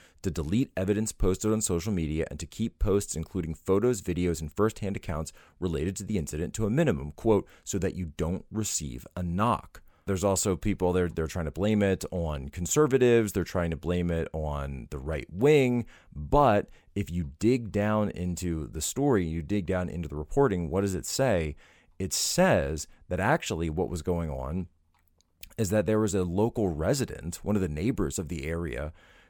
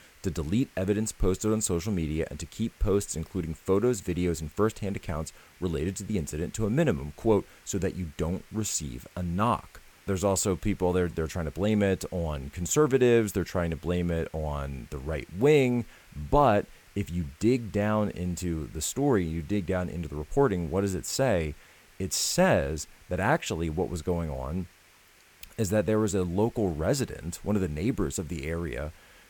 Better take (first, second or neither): first